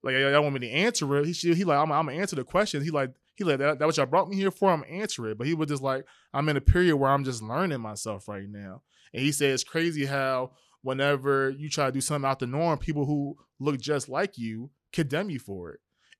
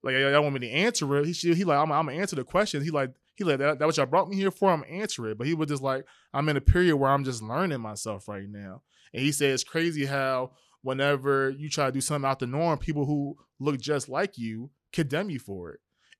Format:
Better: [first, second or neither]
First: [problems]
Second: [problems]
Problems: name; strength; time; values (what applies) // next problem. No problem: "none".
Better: neither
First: none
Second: none